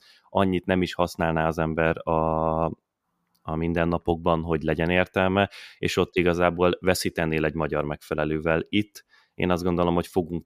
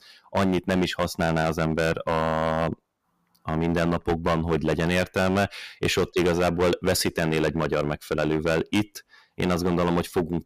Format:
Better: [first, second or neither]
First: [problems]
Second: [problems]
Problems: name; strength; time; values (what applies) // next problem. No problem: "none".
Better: first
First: none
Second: distortion; heavy; 10% of the sound clipped